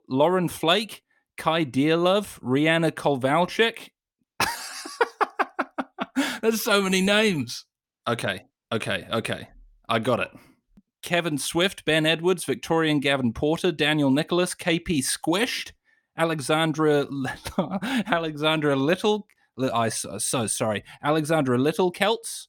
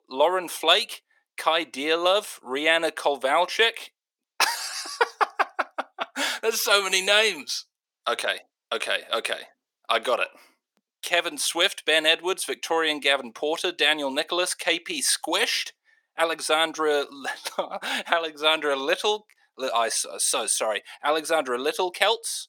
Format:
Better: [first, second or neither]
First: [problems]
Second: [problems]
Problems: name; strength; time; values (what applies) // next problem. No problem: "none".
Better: first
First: none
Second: thin; very; fading below 450 Hz